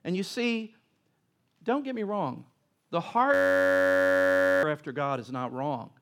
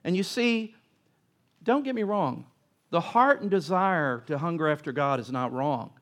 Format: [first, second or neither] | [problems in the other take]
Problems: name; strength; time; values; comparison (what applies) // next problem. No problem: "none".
second | audio freezing; at 3.5 s for 1.5 s